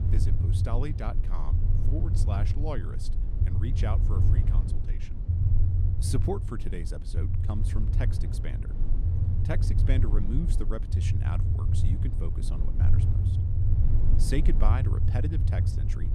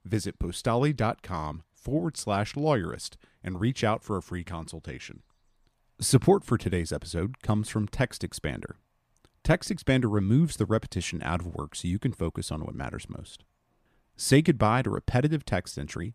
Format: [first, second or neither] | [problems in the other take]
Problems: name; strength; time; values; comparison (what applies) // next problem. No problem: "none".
second | low rumble; loud; throughout; 3 dB below the speech